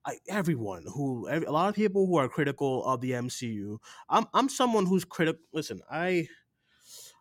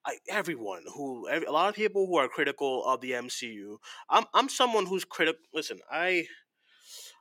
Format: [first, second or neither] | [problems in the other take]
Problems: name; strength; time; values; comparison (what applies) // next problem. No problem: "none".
first | thin; somewhat; fading below 400 Hz